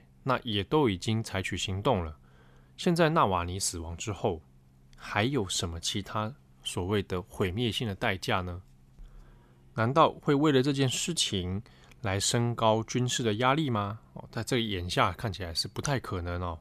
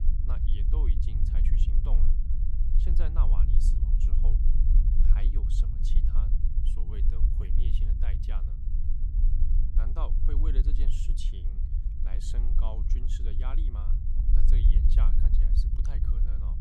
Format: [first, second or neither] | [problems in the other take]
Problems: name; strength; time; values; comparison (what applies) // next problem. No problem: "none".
first | low rumble; loud; throughout; 1 dB below the speech